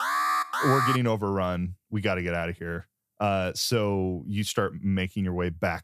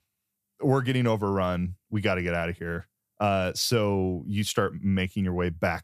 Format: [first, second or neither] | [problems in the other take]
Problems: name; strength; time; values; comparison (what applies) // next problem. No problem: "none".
second | alarm; loud; at the start; peak 3 dB above the speech